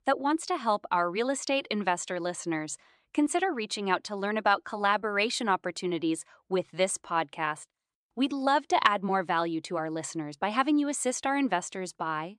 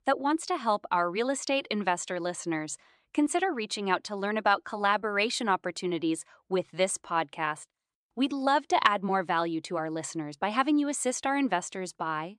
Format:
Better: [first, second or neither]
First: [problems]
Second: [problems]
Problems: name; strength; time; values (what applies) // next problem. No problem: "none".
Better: neither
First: none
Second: none